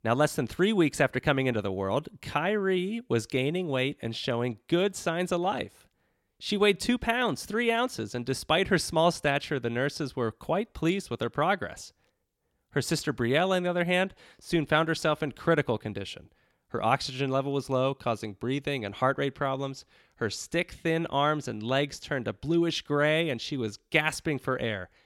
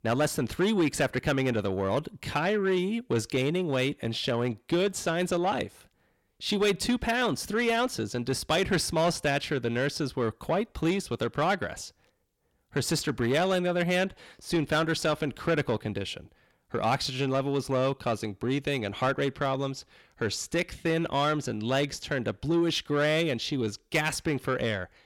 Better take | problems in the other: first | distortion; slight; 10 dB below the speech

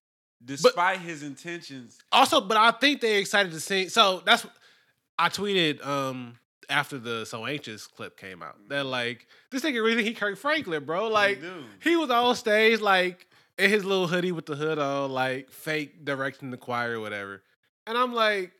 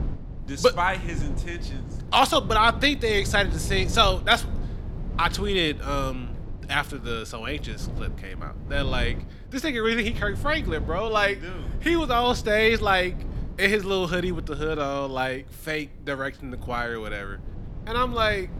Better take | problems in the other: first | low rumble; faint; throughout; 20 dB below the speech

